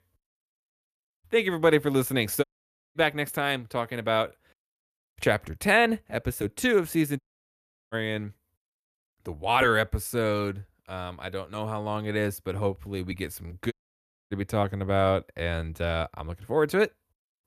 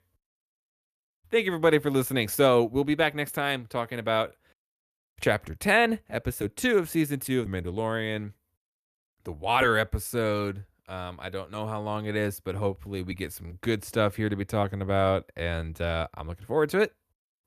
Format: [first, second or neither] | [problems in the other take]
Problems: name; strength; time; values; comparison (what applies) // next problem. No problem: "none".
second | audio cutting out; at 2.5 s for 0.5 s, at 7 s for 0.5 s and at 14 s for 0.5 s